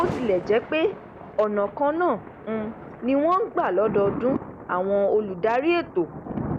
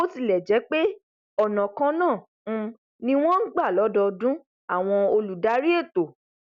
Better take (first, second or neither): second